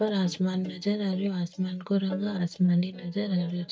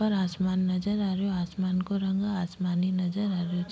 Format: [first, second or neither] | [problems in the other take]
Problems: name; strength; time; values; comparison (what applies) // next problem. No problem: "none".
second | noise reduction (neural mask model DeepFilterNet 3)